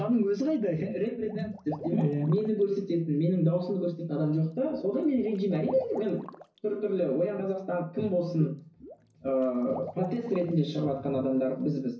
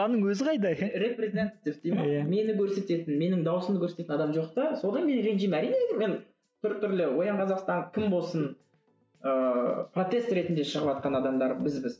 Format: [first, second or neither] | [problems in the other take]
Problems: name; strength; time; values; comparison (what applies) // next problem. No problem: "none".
second | background sound (Liquid); 19 dB below the speech // room echo; dies away in 0.4 s